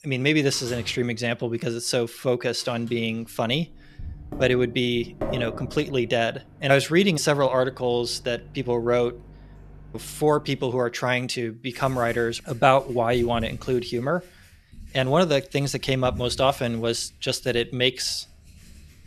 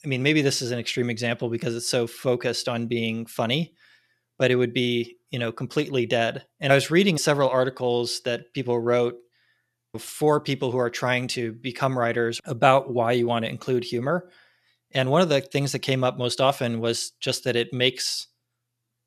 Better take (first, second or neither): second